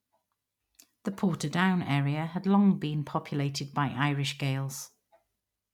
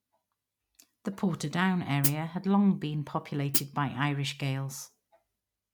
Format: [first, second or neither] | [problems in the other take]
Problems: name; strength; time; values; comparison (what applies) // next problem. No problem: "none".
first | background sound (Hi-hat); 1 dB above the speech